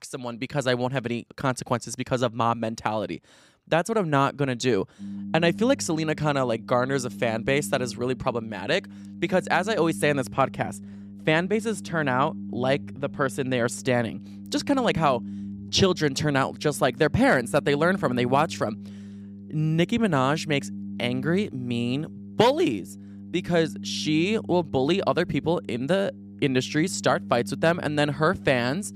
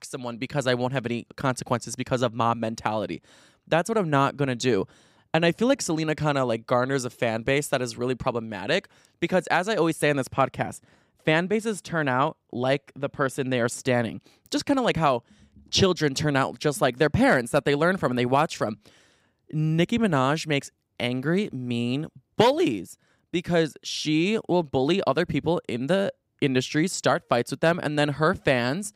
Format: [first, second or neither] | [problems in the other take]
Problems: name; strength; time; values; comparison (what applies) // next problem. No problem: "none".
second | low rumble; faint; from 5 s on; 20 dB below the speech